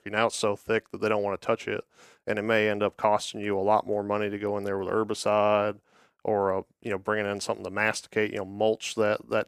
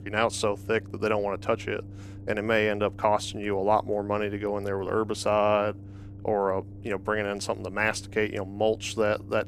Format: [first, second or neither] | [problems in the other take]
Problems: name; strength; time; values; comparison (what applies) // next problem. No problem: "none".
first | low rumble; faint; throughout; 25 dB below the speech